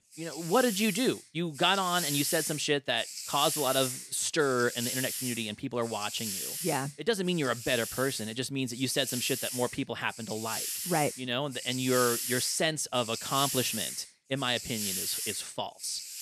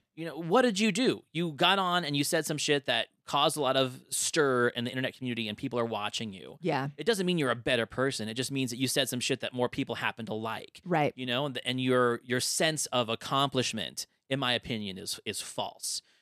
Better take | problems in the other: second | hiss; loud; throughout; 4 dB below the speech

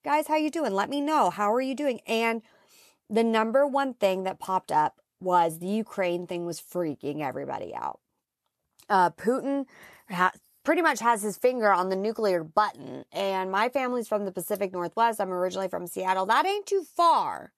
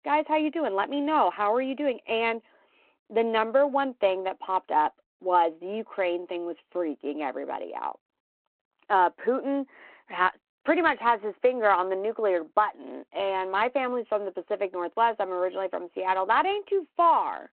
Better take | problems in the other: first | phone-call audio

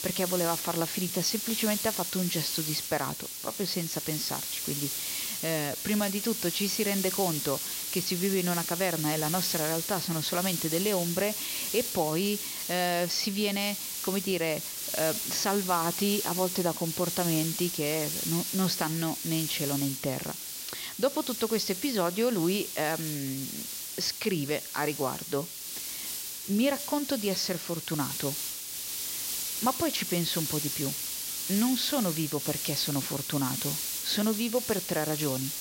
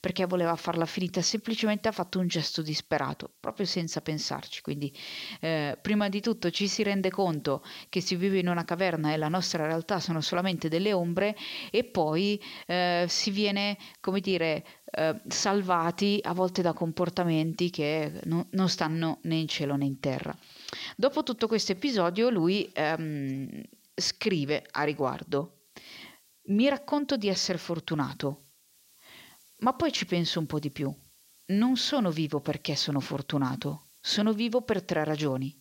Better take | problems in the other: second | hiss; loud; throughout; 2 dB below the speech; faint in the second

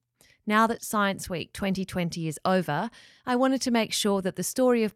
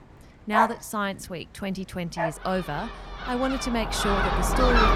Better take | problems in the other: first | animal sounds; very loud; throughout; 2 dB above the speech

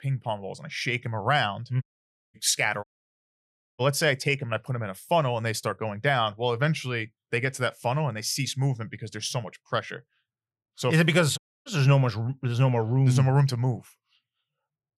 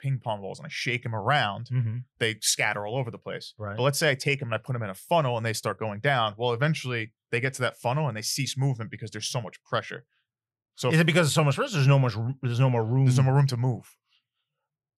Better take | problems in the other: second | audio cutting out; at 2 s for 0.5 s, at 3 s for 1 s and at 11 s

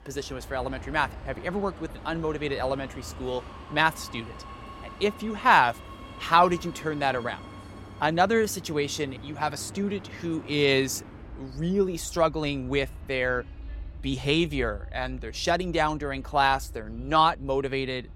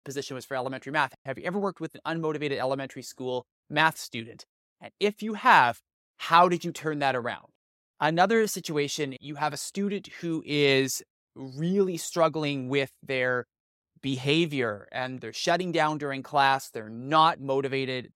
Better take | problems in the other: second | train or aircraft noise; noticeable; throughout; 15 dB below the speech

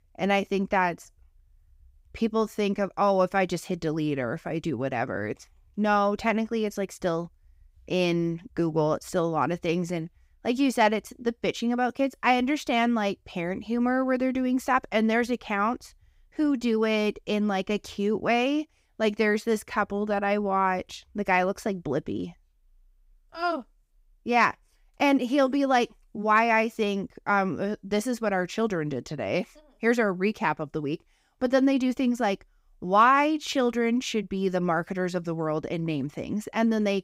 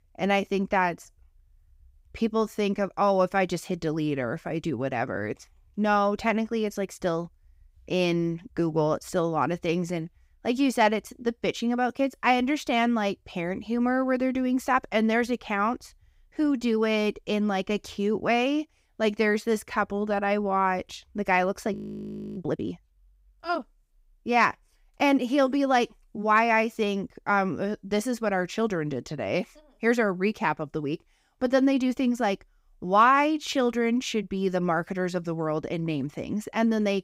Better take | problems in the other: first | audio freezing; at 22 s for 0.5 s

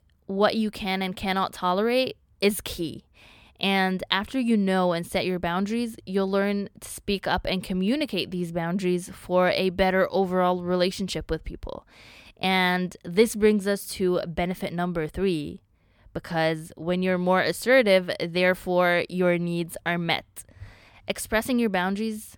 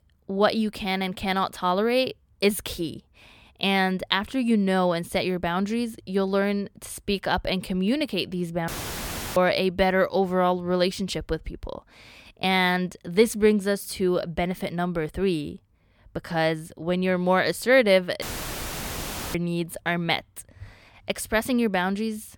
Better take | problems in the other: first | audio cutting out; filled with static; at 8.5 s for 0.5 s and at 18 s for 1 s

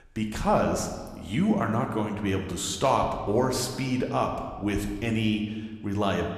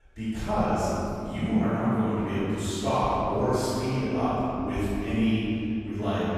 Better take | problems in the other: first | room echo; strong; dies away in 3 s; slight in the first // off-mic speech; far

